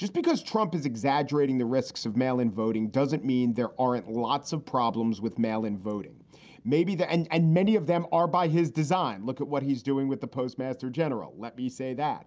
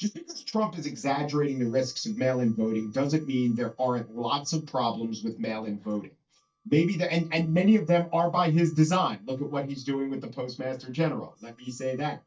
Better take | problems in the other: first | noise reduction (neural mask model DeepFilterNet 3)

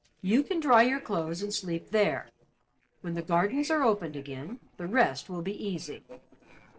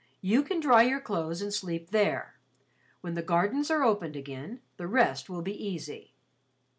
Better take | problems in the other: second | noise reduction (neural separator model SepFormer DNS4)

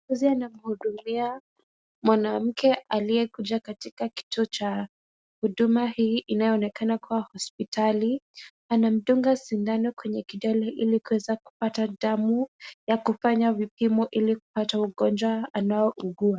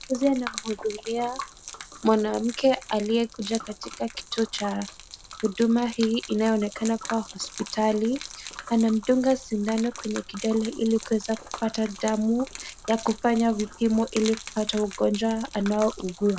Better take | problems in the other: first | background sound (Gurgling / Liquid); 15 dB below the speech

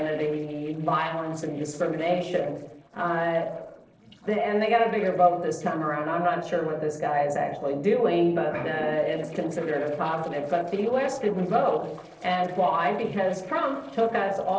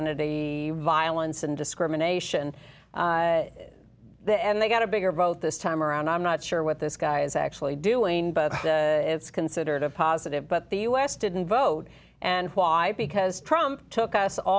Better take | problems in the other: second | noise reduction (neural separator model SepFormer DNS4)

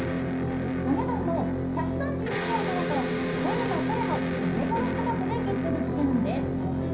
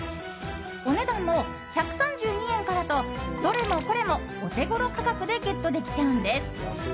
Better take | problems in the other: second | background sound (Electric guitar); 3 dB above the speech // room echo; dies away in 0.6 s

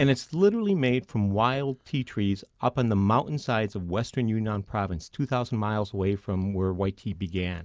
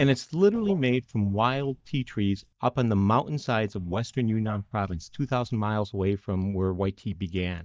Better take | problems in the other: first | noise reduction (neural mask model DeepFilterNet 3)

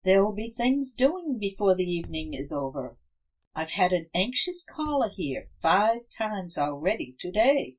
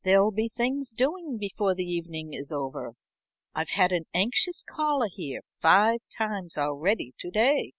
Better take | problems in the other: second | noise reduction (neural mask model DeepFilterNet 3)

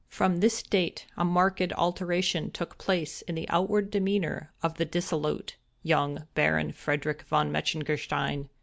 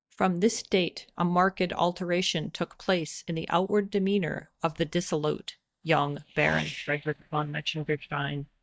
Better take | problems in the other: first | noise reduction (neural mask model DeepFilterNet 3)

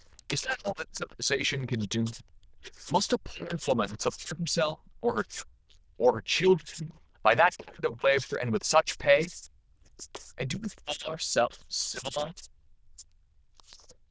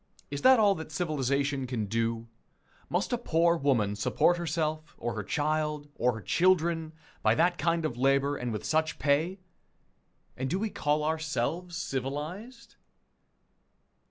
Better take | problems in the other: second | noise reduction (neural diffusion model UNIVERSE++)

